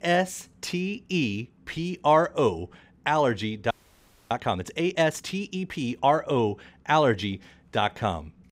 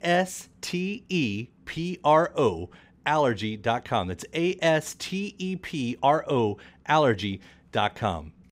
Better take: second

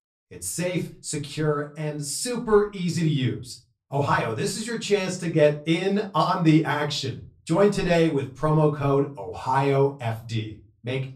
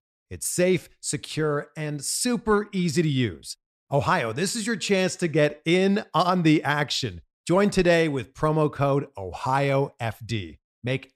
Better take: second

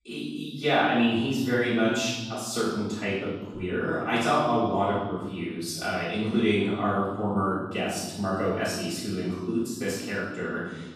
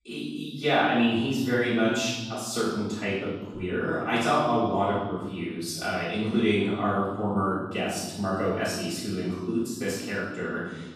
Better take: neither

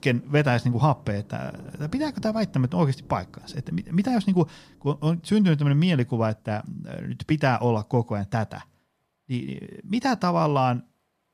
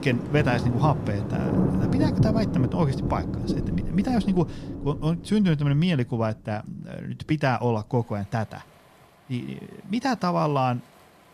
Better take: first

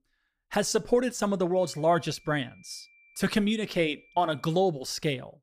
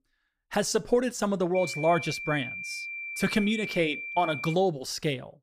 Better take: first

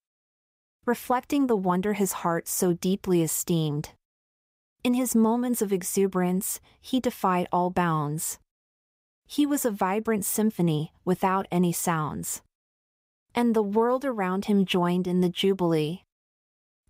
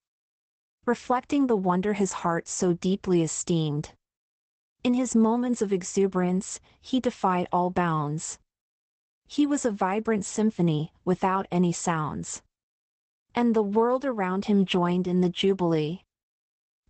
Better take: first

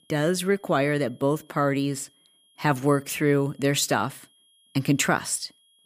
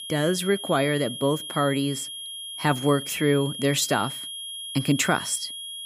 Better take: first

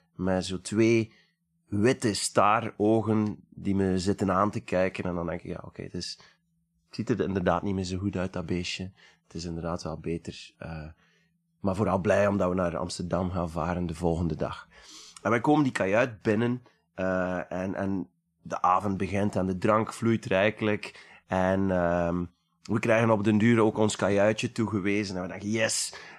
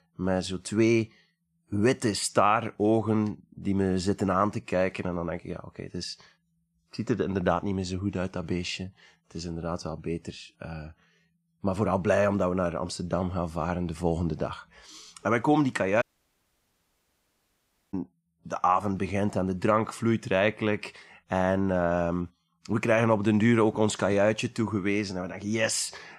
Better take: first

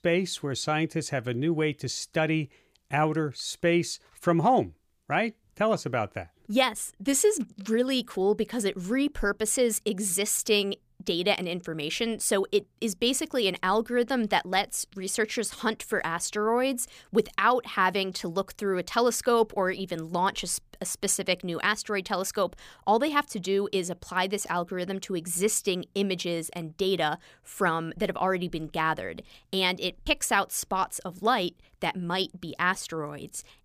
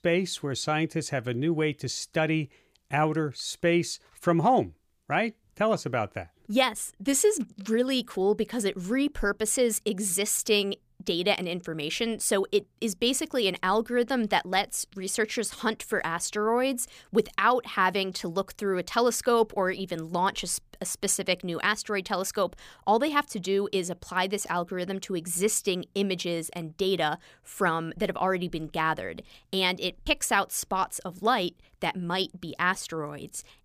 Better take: neither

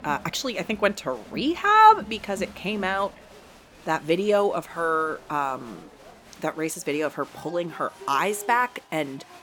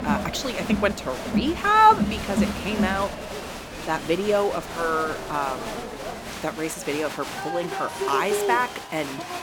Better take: first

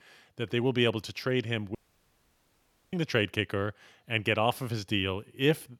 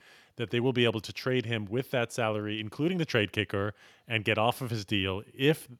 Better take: second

